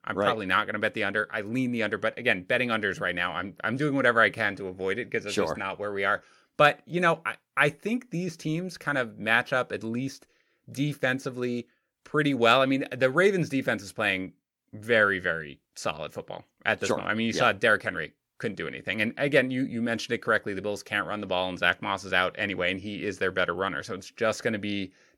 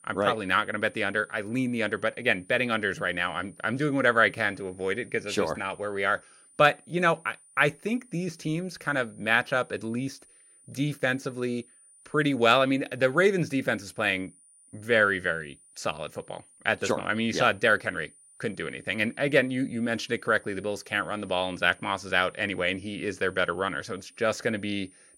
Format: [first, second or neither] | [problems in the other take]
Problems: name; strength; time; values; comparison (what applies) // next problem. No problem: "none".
first | high-pitched whine; faint; throughout; 9.5 kHz, 25 dB below the speech